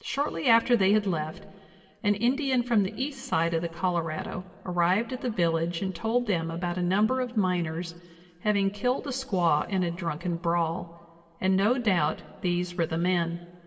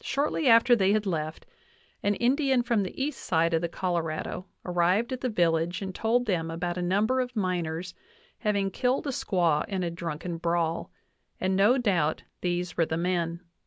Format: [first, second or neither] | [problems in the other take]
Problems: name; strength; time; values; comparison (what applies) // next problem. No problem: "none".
second | room echo; dies away in 1.5 s